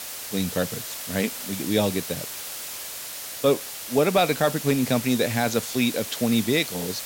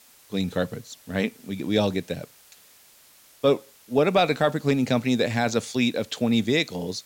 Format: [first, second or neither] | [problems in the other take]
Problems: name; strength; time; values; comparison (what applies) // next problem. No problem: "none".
second | hiss; loud; throughout; 7 dB below the speech; faint in the second